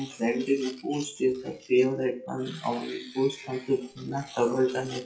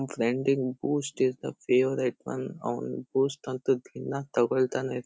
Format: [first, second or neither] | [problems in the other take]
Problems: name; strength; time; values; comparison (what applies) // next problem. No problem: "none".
second | noise reduction (classical method WPE with log-MMSE)